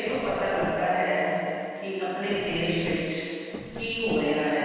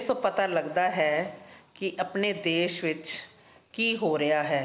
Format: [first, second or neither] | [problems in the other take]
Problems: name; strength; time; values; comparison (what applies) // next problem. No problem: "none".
second | background sound (Tap); 12 dB below the speech // room echo; dies away in 2.1 s